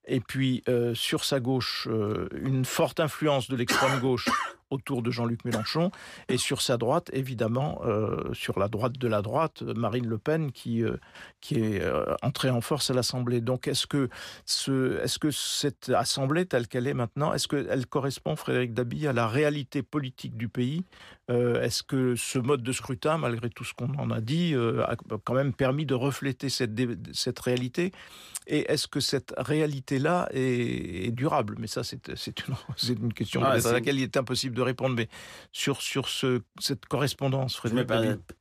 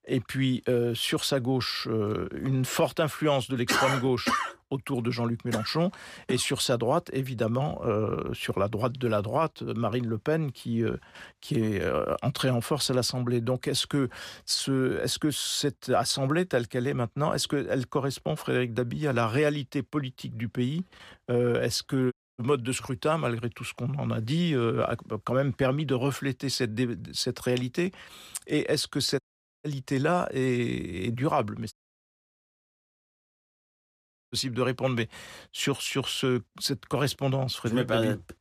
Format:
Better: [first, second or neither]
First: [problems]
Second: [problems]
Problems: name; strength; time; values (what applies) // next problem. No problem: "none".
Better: first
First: none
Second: audio cutting out; at 22 s, at 29 s and at 32 s for 2.5 s